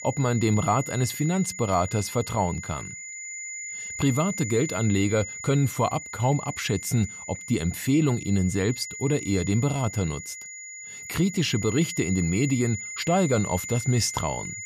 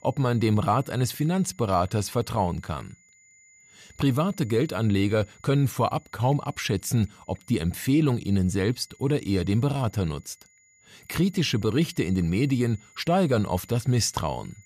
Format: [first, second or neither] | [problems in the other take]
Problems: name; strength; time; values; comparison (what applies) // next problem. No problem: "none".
second | high-pitched whine; loud; throughout; 2 kHz, 9 dB below the speech; faint in the second